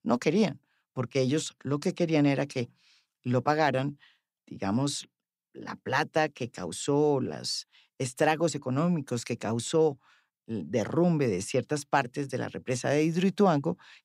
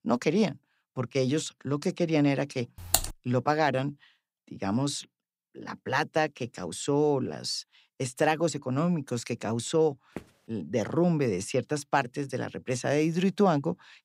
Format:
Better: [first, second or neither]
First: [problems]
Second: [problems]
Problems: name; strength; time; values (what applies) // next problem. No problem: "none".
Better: first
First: none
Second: keyboard typing; loud; at 3 s; peak 2 dB above the speech // footsteps; faint; at 10 s; peak 15 dB below the speech